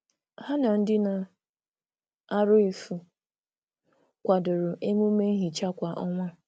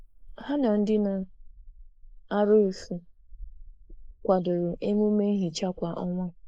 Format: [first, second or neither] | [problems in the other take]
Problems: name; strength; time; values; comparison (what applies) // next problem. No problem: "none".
first | noise reduction (neural mask model Resemble Enhance denoiser)